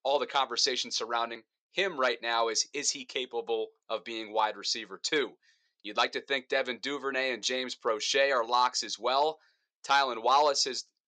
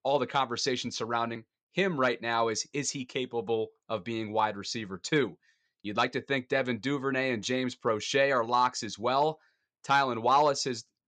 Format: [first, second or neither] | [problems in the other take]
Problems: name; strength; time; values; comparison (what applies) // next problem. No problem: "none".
second | thin; somewhat; fading below 450 Hz